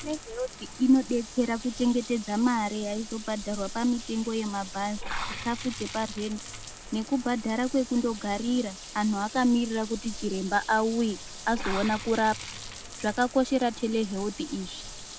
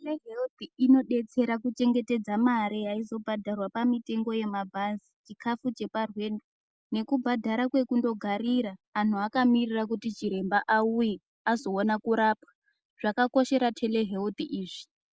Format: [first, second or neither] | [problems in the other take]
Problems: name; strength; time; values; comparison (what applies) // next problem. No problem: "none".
second | background sound (Bathtub (filling or washing) / Water); 11 dB below the speech